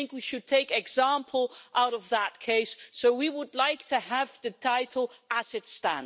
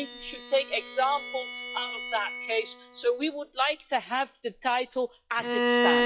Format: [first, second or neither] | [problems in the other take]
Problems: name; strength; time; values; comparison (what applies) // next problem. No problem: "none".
first | noise reduction (classical method log-MMSE)